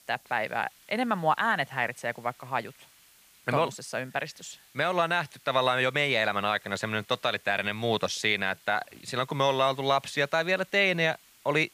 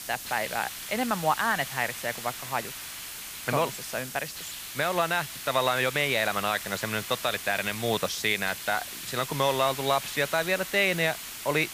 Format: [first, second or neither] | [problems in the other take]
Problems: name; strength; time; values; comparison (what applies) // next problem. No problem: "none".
first | hiss; loud; throughout; 8 dB below the speech; faint in the first